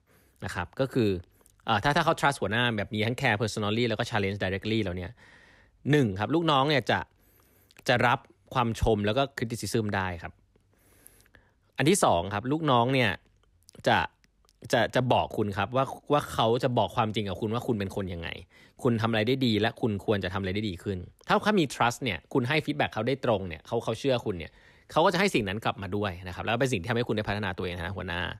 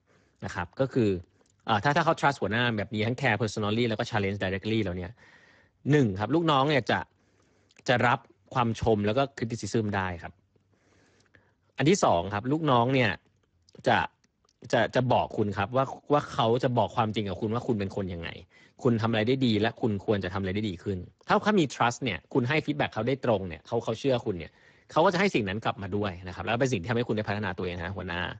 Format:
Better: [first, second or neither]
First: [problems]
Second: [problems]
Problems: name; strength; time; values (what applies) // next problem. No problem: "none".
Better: first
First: none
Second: garbled, watery; badly; nothing above 7.5 kHz